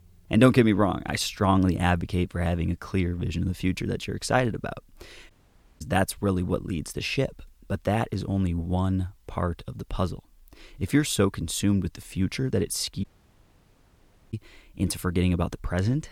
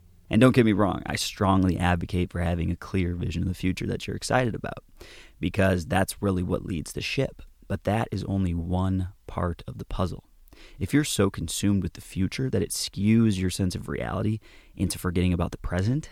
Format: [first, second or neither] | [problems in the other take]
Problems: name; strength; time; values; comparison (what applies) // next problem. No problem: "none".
second | audio cutting out; at 5.5 s for 0.5 s and at 13 s for 1.5 s